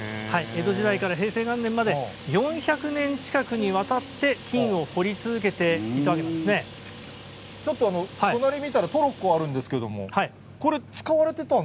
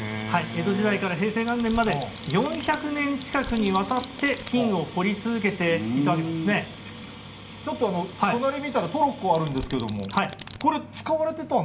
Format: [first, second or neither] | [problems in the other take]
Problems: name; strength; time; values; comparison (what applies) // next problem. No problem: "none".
first | background sound (Domestic sounds, home sounds); 15 dB below the speech // room echo; dies away in 1.3 s